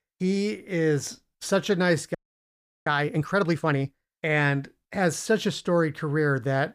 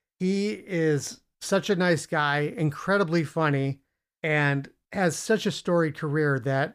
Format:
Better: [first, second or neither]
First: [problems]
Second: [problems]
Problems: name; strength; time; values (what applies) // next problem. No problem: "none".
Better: second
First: audio freezing; at 2 s for 0.5 s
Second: none